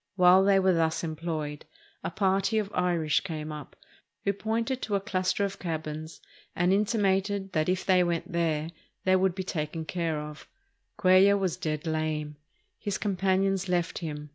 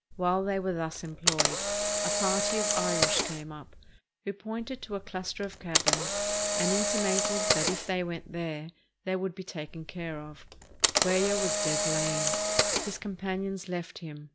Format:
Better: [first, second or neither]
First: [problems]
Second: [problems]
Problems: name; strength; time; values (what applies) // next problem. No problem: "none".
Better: first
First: none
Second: background sound (Camera); 4 dB above the speech